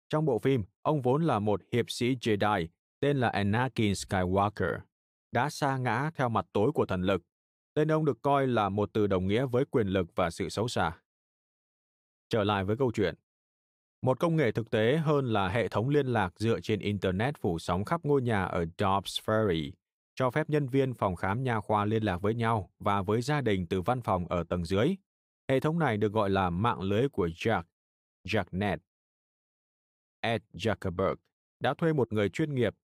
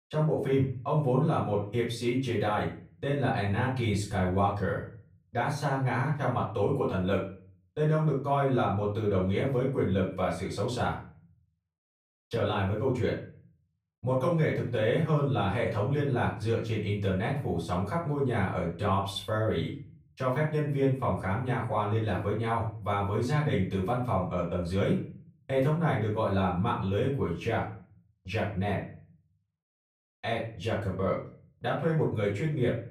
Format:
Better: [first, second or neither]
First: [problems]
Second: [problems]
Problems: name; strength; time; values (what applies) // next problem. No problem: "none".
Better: first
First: none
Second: off-mic speech; far // room echo; slight; dies away in 0.4 s